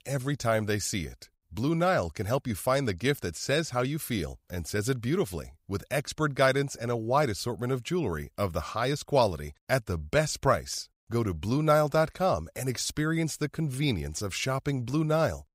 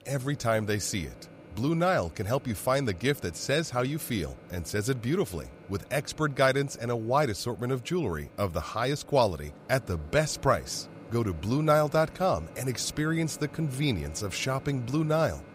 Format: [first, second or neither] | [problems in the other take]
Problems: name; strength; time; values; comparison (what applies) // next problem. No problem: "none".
first | household noises; noticeable; throughout; 20 dB below the speech